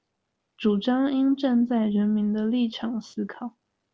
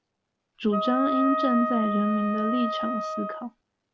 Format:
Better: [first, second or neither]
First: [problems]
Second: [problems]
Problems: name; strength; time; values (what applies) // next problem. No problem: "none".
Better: first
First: none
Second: background sound (Wind instrument, woodwind instrument); 1 dB below the speech